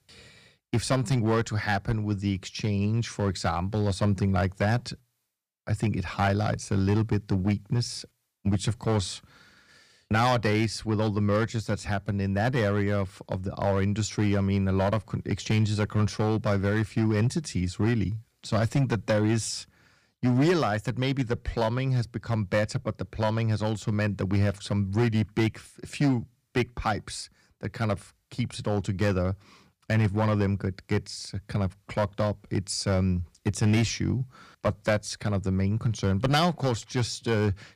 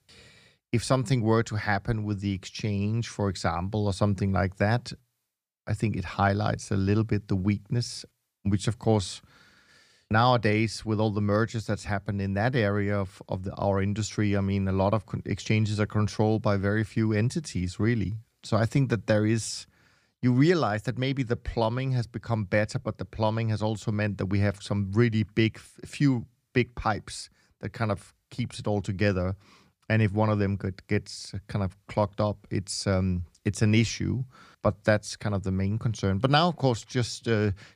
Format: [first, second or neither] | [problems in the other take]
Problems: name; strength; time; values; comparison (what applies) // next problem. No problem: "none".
second | distortion; slight; 4% of the sound clipped